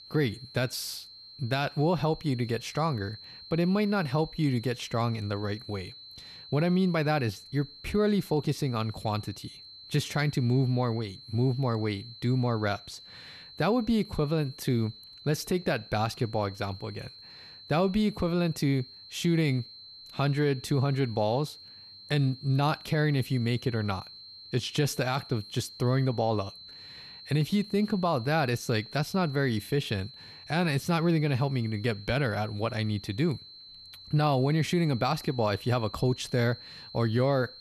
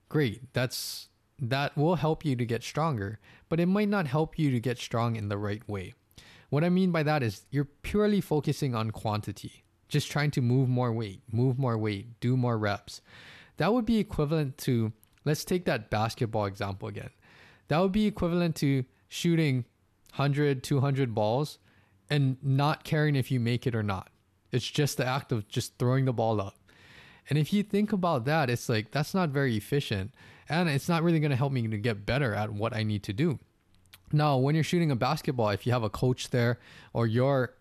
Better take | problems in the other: second | high-pitched whine; noticeable; throughout; 4 kHz, 15 dB below the speech

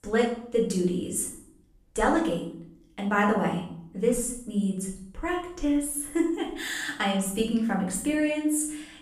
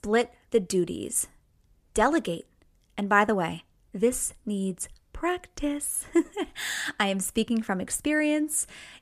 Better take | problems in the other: second | room echo; noticeable; dies away in 0.6 s // off-mic speech; far

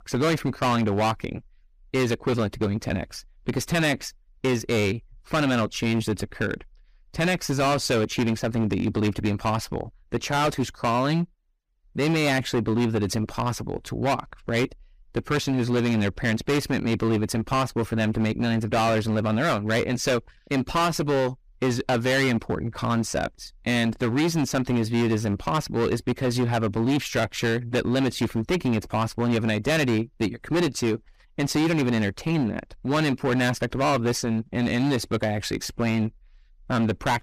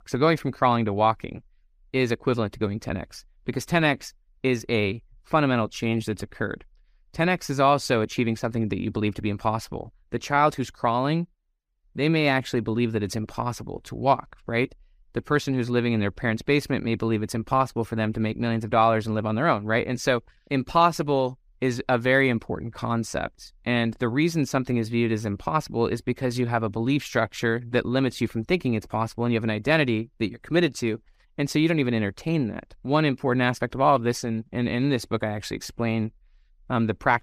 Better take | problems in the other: second | distortion; heavy; 15% of the sound clipped

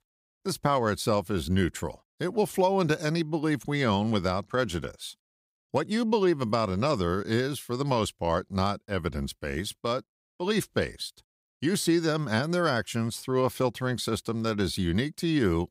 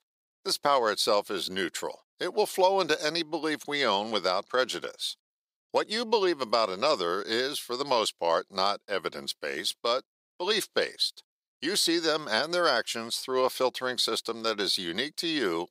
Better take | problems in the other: first | thin; somewhat; fading below 500 Hz

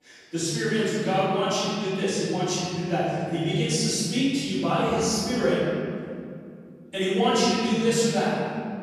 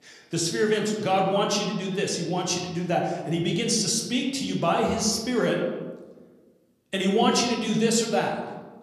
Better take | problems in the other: second | room echo; strong; dies away in 2.4 s; slight in the second // off-mic speech; far; somewhat distant in the second

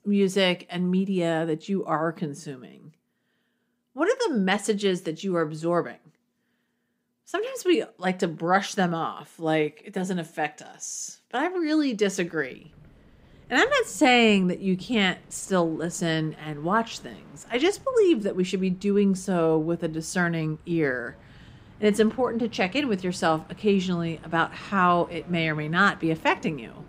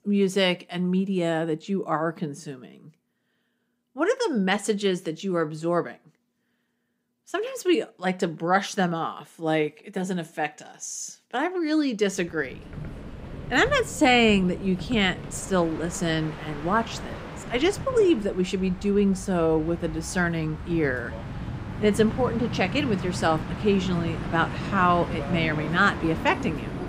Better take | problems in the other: first | train or aircraft noise; loud; from 13 s on; 10 dB below the speech; faint in the first

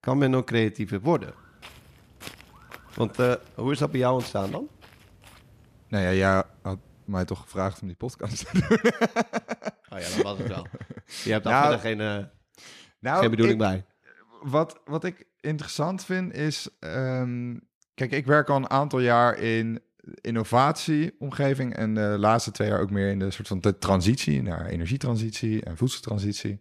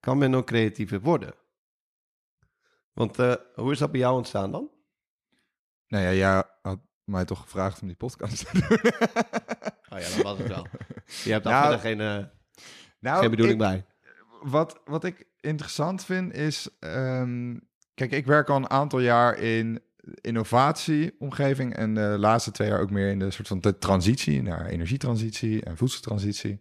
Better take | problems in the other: second | footsteps; faint; from 1 to 7 s; peak 15 dB below the speech

